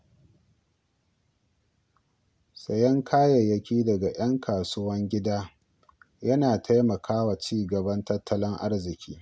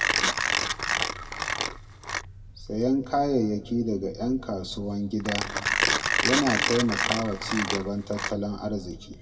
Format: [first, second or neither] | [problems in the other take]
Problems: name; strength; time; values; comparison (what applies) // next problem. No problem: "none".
first | background sound (Mechanisms); as loud as the speech // room echo; dies away in 1.1 s